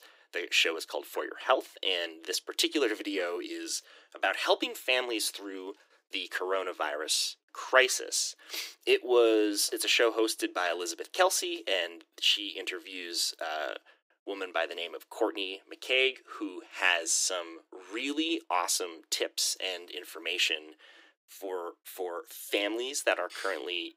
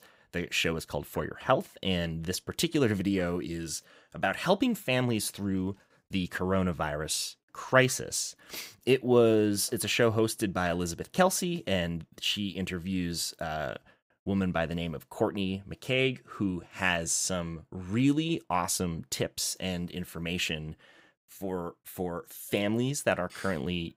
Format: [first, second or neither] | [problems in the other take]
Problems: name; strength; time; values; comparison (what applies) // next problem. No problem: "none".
second | thin; very; fading below 300 Hz